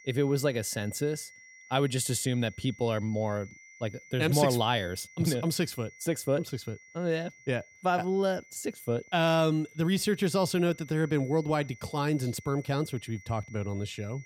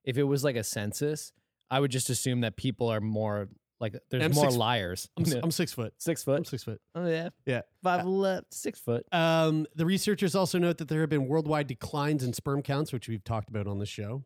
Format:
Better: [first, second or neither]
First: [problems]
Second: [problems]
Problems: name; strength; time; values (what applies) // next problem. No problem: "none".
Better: second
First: high-pitched whine; faint; throughout; 2 kHz, 20 dB below the speech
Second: none